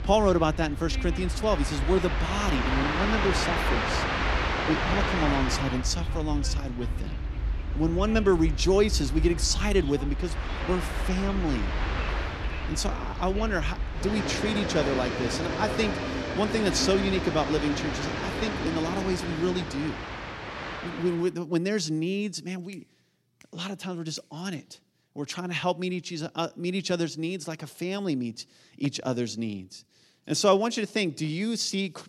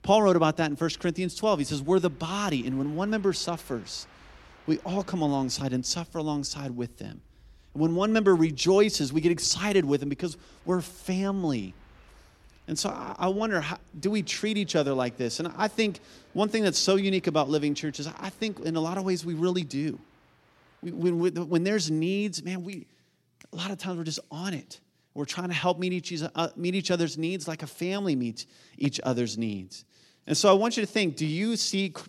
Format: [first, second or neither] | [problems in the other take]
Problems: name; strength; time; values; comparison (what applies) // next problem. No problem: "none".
second | train or aircraft noise; loud; until 21 s; 2 dB below the speech; faint in the second